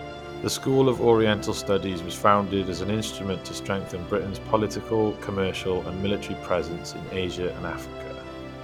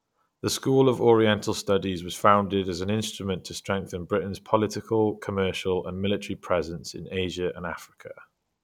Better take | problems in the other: second | background sound (Musical instrument); 10 dB below the speech

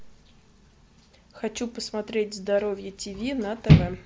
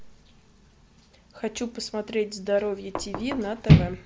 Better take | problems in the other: first | background sound (Knock); 11 dB below the speech

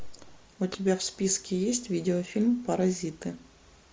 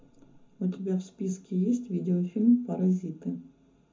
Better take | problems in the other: first | room echo; dies away in 0.3 s

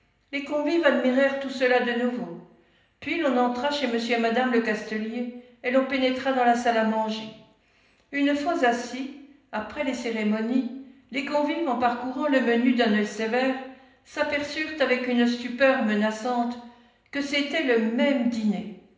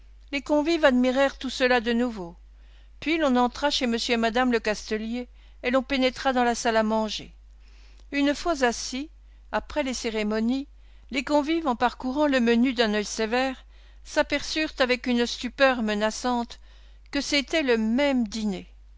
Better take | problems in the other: second | room echo; dies away in 0.8 s

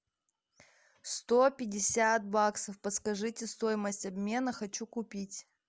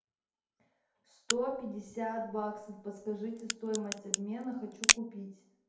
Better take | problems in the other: first | background sound (Crack); 3 dB above the speech // room echo; dies away in 2.1 s

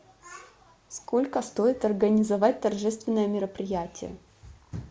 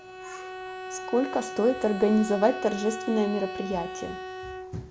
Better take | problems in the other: first | background sound (Bowed string instrument); 9 dB below the speech

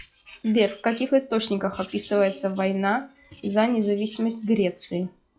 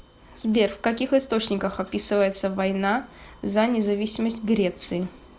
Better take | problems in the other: second | noise reduction (classical method log-MMSE)

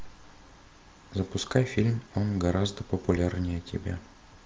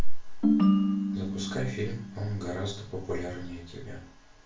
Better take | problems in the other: first | background sound (Ringtone); as loud as the speech // room echo; dies away in 0.3 s

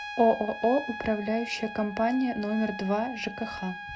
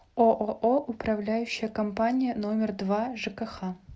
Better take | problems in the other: second | background sound (Trumpet); 11 dB below the speech

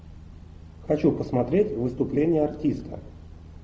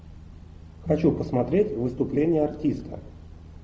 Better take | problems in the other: first | background sound (Piano); 12 dB below the speech

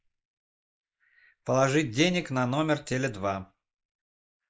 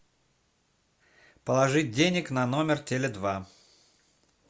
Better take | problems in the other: second | noise reduction (neural mask model Resemble Enhance denoiser)

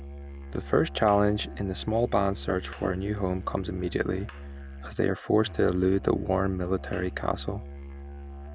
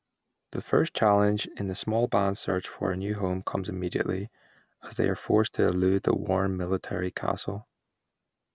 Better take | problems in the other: second | background sound (Musical instrument); 12 dB below the speech

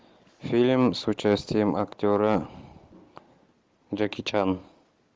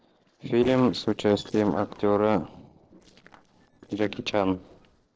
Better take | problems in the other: first | noise reduction (neural separator model SepFormer DNS4)

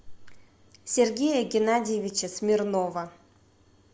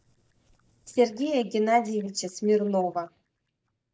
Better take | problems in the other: first | noise reduction (neural mask model DeepFilterNet 3)

